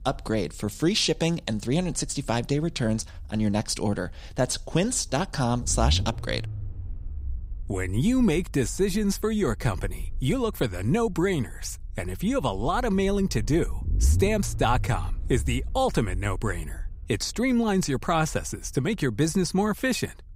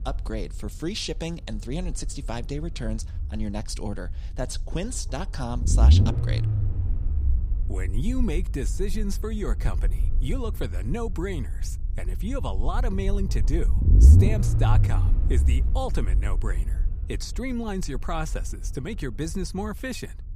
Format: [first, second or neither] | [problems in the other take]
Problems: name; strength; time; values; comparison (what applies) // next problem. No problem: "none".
first | low rumble; loud; throughout; 6 dB below the speech; faint in the first